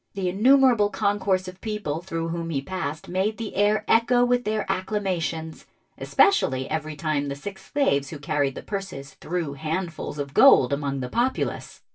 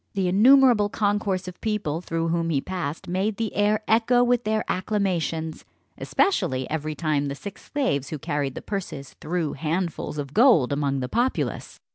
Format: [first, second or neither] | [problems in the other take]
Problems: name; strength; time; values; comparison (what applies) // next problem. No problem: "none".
second | room echo; dies away in 0.1 s